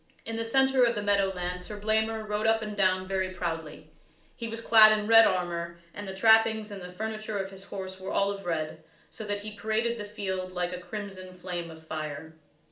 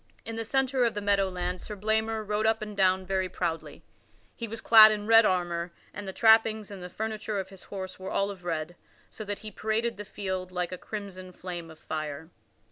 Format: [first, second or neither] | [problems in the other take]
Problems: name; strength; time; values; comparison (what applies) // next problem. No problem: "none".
second | room echo; dies away in 0.4 s